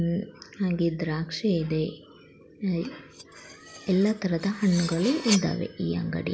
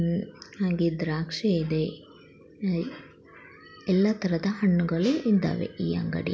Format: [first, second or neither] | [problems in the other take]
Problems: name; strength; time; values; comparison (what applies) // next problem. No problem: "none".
second | background sound (Cutlery, silverware); 12 dB below the speech